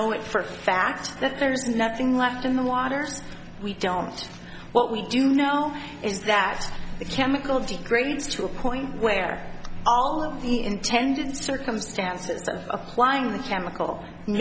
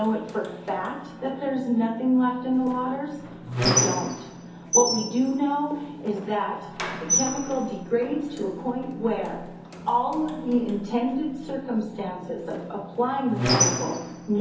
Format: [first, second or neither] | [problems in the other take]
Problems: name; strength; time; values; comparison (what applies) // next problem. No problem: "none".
first | background sound (Squeak); 5 dB below the speech // room echo; dies away in 0.5 s